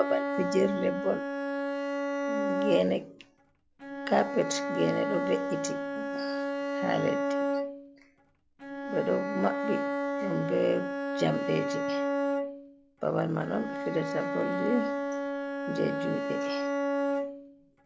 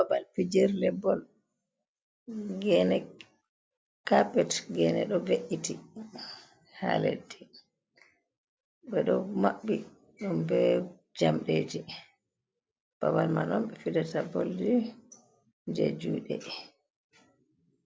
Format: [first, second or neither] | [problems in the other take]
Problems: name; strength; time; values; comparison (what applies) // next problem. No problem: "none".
second | background sound (Bowed string instrument); as loud as the speech